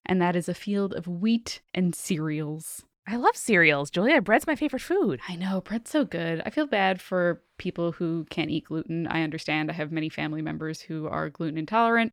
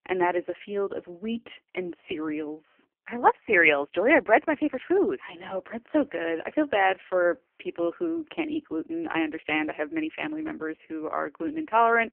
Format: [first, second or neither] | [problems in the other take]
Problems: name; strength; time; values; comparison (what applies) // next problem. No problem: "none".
first | phone-call audio; poor line; nothing above 3 kHz